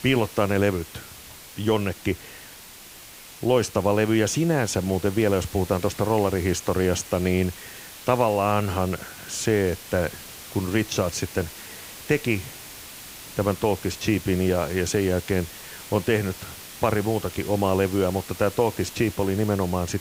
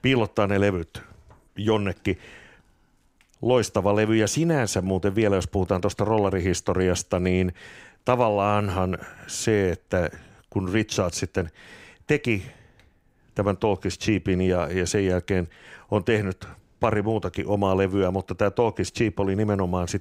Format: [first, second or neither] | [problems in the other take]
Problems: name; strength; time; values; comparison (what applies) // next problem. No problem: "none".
second | hiss; noticeable; throughout; 15 dB below the speech